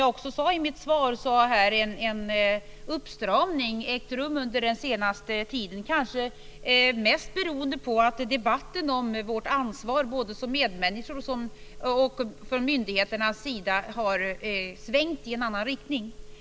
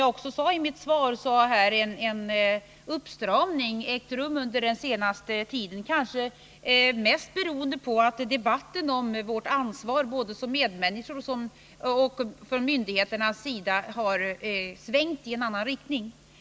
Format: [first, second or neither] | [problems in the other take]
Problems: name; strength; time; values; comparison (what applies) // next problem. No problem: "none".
second | background sound (Telephone); 17 dB below the speech